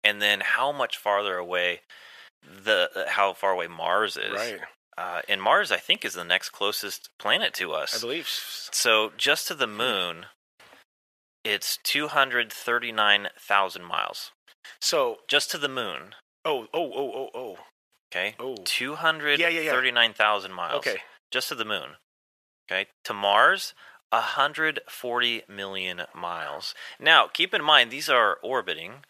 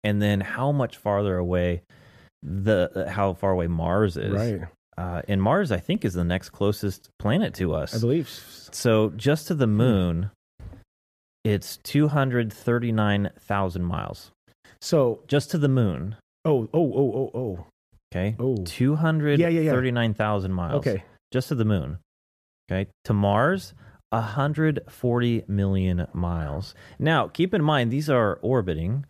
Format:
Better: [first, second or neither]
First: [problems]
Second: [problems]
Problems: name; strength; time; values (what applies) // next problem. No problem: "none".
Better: second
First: thin; very; fading below 900 Hz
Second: none